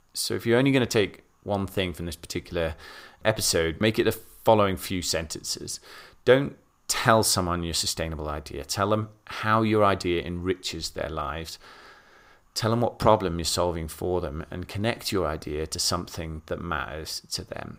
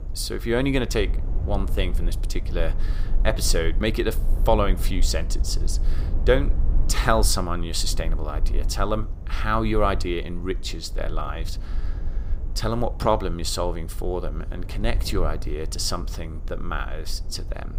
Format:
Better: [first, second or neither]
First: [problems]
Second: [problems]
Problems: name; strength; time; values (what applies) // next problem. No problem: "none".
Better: first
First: none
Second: low rumble; noticeable; throughout; 20 dB below the speech